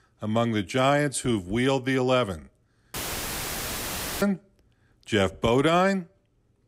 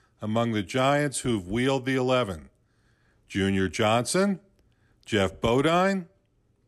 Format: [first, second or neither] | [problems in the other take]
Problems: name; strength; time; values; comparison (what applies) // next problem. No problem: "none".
second | audio cutting out; filled with static; at 3 s for 1.5 s